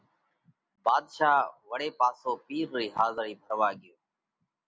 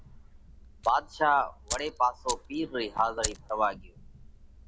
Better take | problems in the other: first | background sound (Fire); 11 dB below the speech

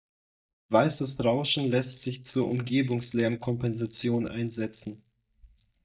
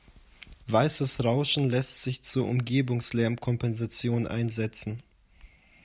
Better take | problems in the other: second | noise reduction (neural mask model DeepFilterNet 3)

